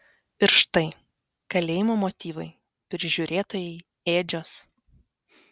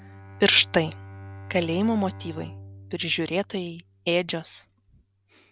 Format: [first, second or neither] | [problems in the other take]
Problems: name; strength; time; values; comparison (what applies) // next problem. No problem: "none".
first | background sound (Bowed string instrument); 16 dB below the speech